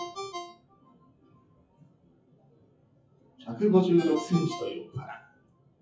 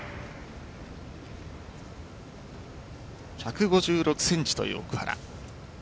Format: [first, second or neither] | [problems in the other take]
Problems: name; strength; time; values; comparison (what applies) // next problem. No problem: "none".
second | noise reduction (classical method WPE with log-MMSE)